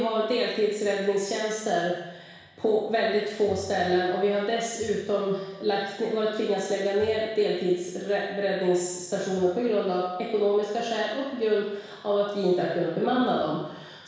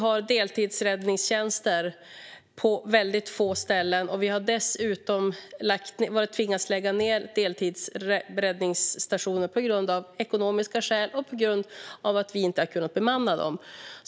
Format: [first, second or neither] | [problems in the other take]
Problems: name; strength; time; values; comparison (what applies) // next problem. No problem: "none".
second | room echo; dies away in 1.1 s